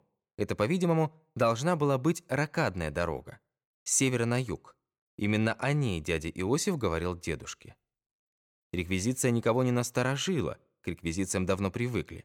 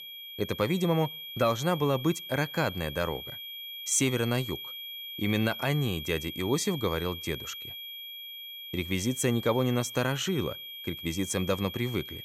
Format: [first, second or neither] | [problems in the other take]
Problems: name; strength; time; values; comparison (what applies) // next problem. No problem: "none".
first | high-pitched whine; loud; throughout; 3.5 kHz, 9 dB below the speech